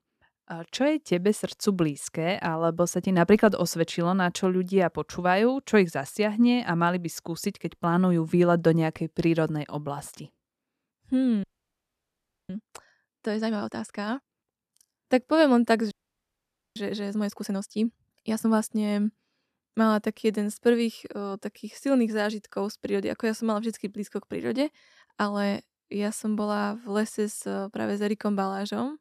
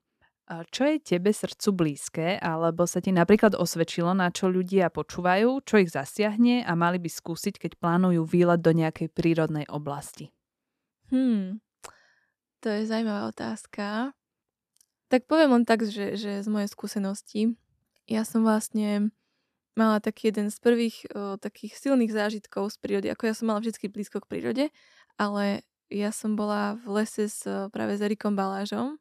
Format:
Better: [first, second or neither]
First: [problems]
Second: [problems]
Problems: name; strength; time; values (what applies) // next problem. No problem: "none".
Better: second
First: audio freezing; at 11 s for 1 s and at 16 s for 1 s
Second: none